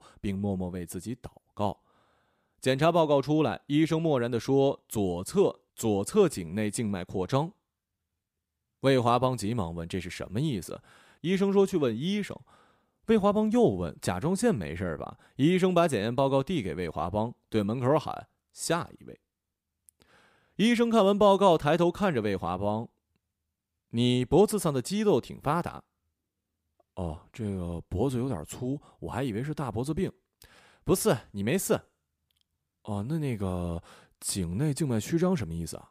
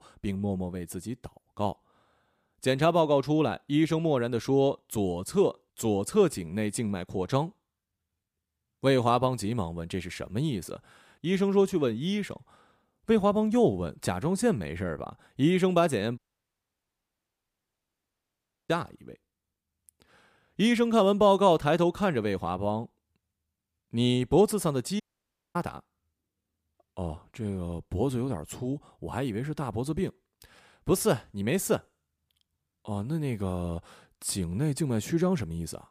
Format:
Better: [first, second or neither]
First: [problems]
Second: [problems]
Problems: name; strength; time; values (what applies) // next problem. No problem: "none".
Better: first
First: none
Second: audio cutting out; at 16 s for 2.5 s and at 25 s for 0.5 s